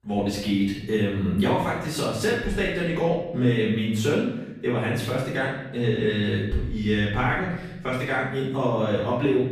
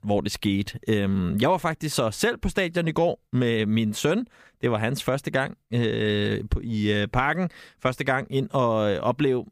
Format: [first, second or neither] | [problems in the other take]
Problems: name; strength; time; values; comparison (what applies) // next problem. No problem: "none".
second | off-mic speech; far // room echo; noticeable; dies away in 0.9 s